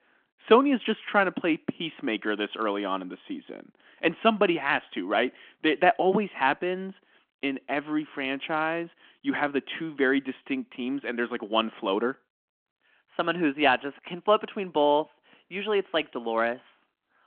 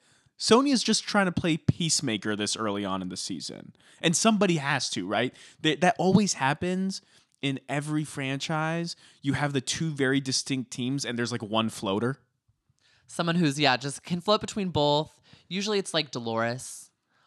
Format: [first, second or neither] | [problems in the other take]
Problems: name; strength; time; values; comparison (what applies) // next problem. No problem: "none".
second | phone-call audio